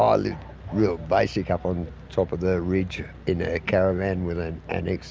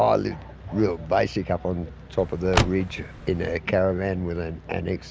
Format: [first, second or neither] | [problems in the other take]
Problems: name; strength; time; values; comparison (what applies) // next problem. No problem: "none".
first | background sound (Car); 3 dB below the speech